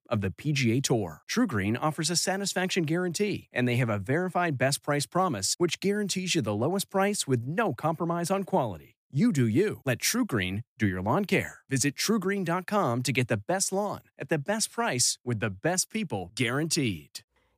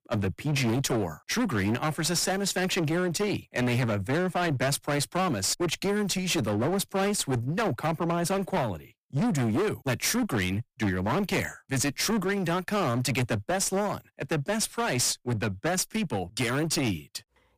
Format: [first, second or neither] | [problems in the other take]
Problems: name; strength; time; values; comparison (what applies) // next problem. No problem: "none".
first | distortion; heavy; 24% of the sound clipped